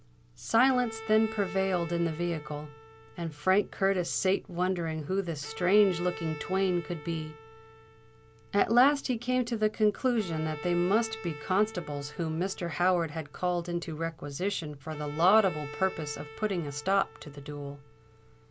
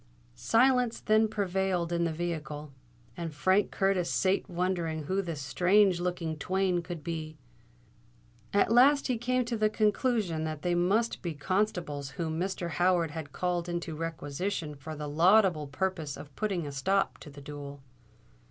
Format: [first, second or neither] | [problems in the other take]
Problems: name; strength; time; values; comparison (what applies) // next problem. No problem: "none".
second | background sound (Bowed string instrument); 16 dB below the speech